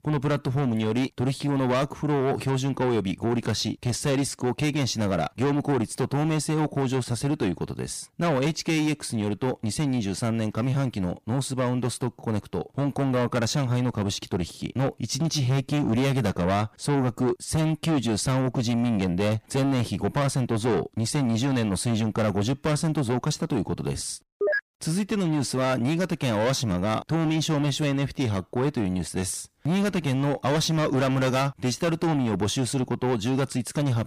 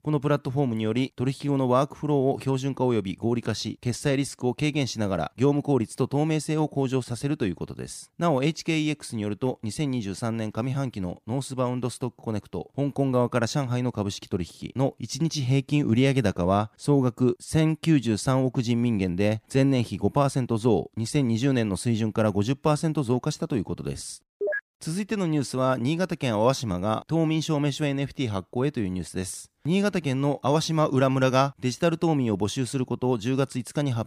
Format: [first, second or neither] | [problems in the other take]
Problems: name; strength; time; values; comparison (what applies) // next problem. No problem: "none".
second | distortion; heavy; 7 dB below the speech